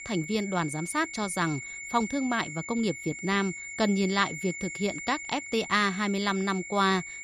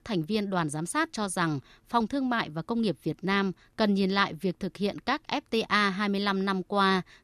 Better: second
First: high-pitched whine; loud; throughout; 2 kHz, 9 dB below the speech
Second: none

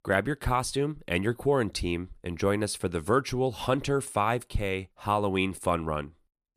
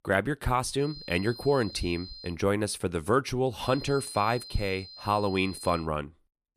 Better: first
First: none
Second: high-pitched whine; noticeable; from 1 to 2.5 s and from 3.5 to 6 s; 4 kHz, 15 dB below the speech

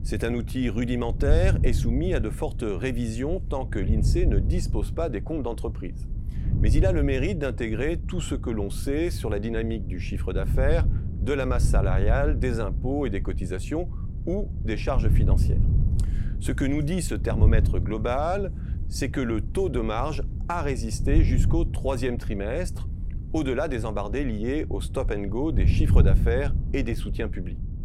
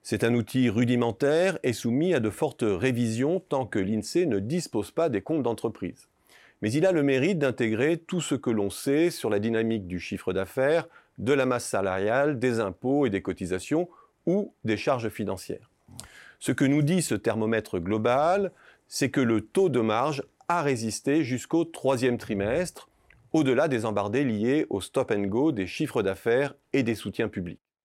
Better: second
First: wind noise on the microphone; occasional gusts; 10 dB below the speech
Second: none

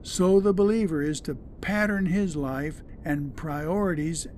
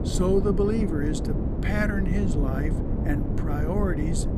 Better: first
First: low rumble; faint; throughout; 25 dB below the speech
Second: low rumble; loud; throughout; 5 dB below the speech

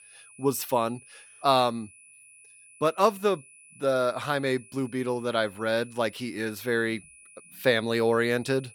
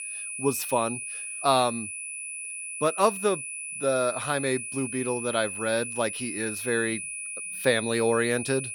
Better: first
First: high-pitched whine; faint; throughout; 10 kHz, 25 dB below the speech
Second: high-pitched whine; loud; throughout; 10 kHz, 6 dB below the speech

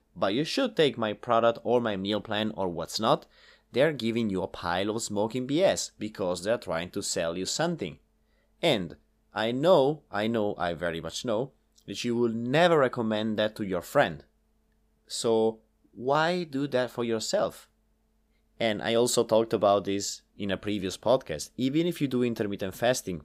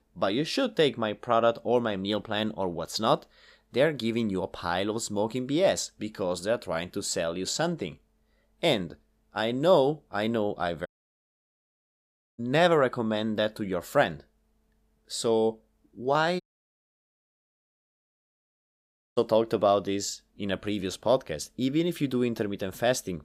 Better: first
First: none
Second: audio cutting out; at 11 s for 1.5 s and at 16 s for 3 s

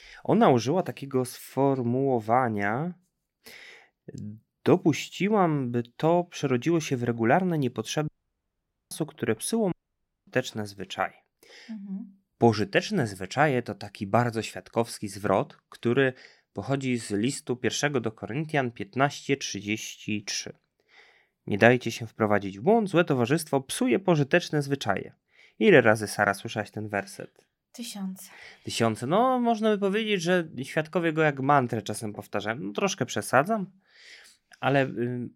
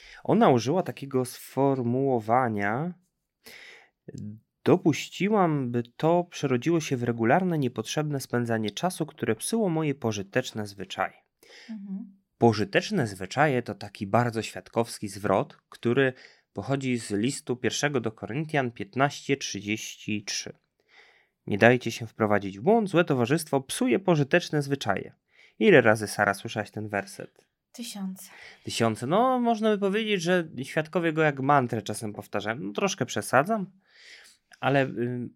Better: second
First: audio cutting out; at 8 s for 1 s and at 9.5 s for 0.5 s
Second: none

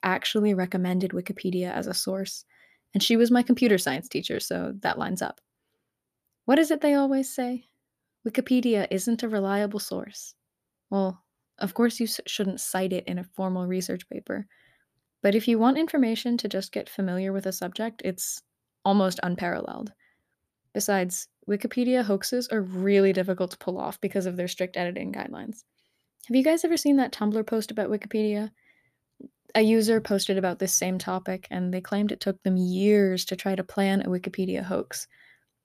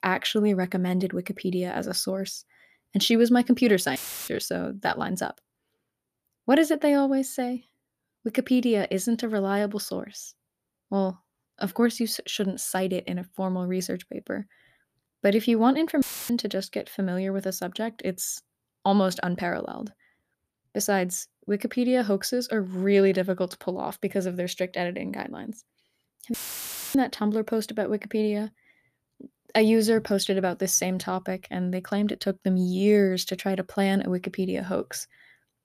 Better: first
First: none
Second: audio cutting out; filled with static; at 4 s, at 16 s and at 26 s for 0.5 s

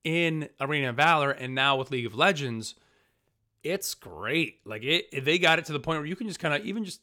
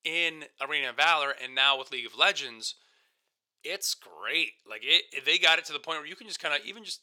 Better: first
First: none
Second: thin; very; fading below 550 Hz

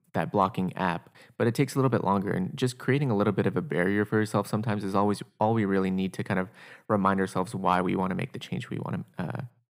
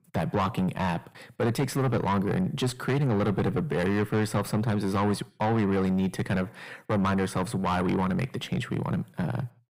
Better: first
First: none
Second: distortion; heavy; 6 dB below the speech

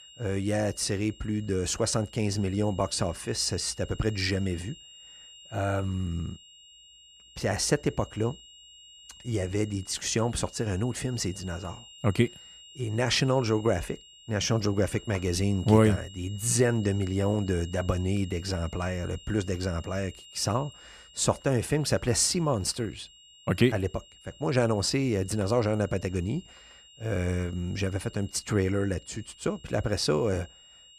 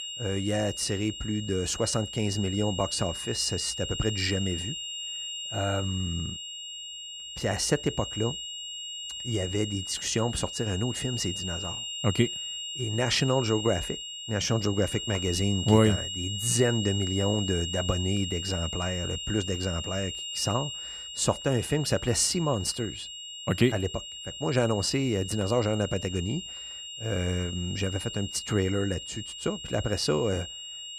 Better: first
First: high-pitched whine; faint; throughout; 3 kHz, 20 dB below the speech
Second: high-pitched whine; loud; throughout; 3 kHz, 6 dB below the speech

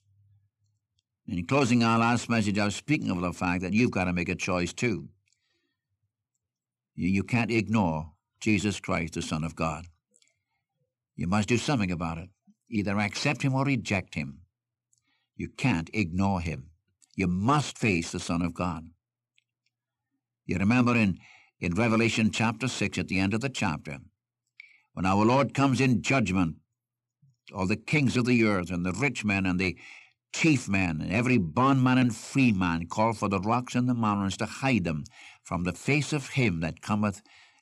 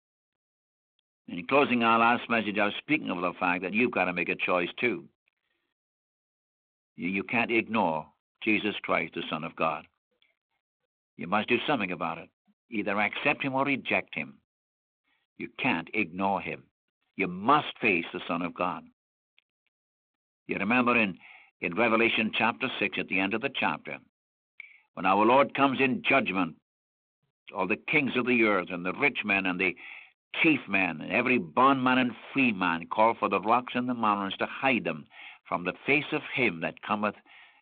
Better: first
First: none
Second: phone-call audio

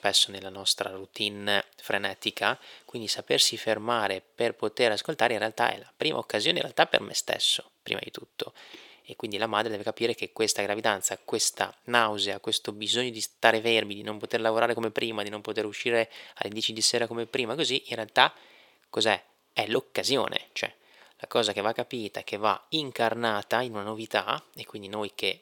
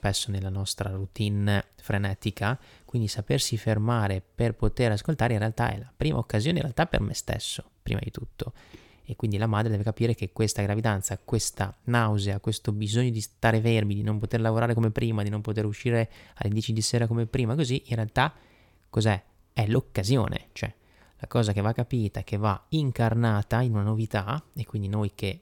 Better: second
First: thin; very; fading below 450 Hz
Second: none

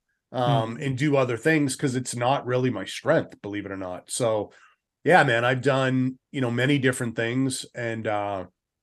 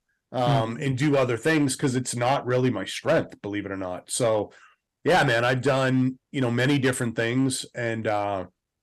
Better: first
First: none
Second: distortion; slight; 4% of the sound clipped

